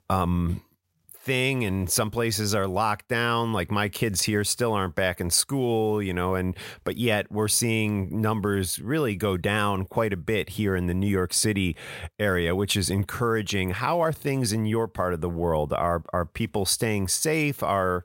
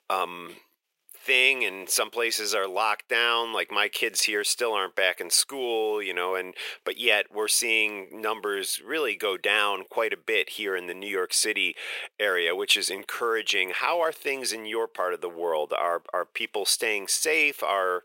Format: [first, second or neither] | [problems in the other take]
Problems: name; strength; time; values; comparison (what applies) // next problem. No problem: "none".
first | thin; very; fading below 400 Hz